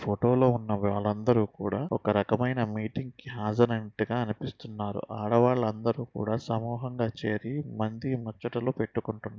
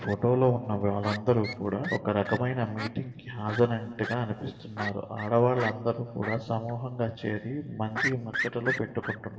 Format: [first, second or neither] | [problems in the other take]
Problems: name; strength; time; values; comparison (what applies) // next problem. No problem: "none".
first | background sound (Fowl); 10 dB below the speech // room echo; dies away in 1.8 s